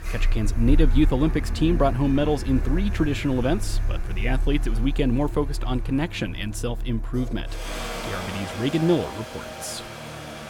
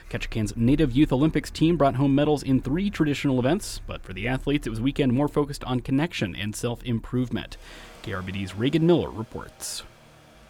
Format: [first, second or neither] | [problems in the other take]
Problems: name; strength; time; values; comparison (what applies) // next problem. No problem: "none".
second | traffic noise; loud; throughout; 5 dB below the speech; faint in the second